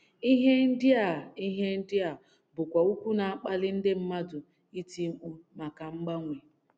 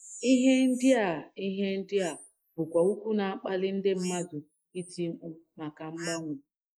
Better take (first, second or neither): first